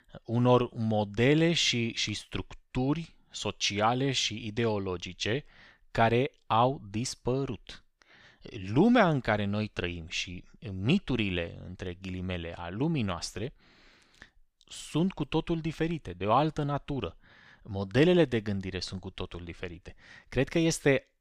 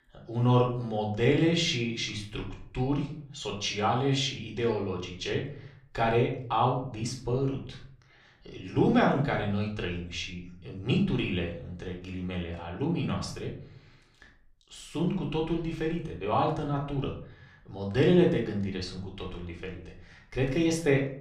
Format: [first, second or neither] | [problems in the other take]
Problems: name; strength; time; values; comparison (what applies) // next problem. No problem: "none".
first | off-mic speech; somewhat distant // room echo; slight; dies away in 0.5 s